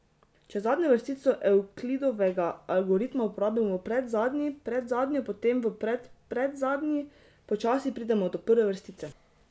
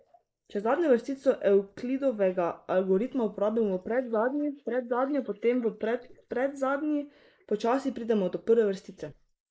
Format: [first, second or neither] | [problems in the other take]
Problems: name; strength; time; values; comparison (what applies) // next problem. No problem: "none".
first | noise reduction (neural mask model Resemble Enhance denoiser)